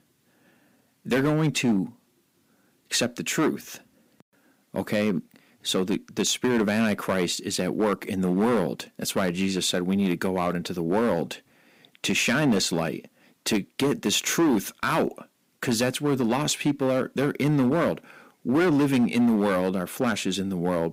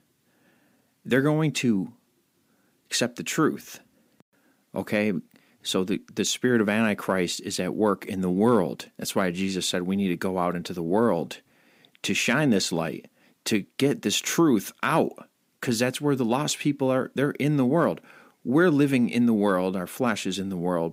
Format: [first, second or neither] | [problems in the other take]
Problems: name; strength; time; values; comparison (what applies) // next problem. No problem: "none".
second | distortion; slight; 6% of the sound clipped